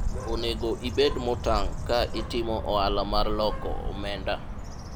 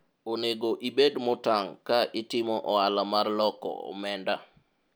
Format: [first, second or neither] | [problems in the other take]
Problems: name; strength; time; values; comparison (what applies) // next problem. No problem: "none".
second | background sound (Bird); 2 dB below the speech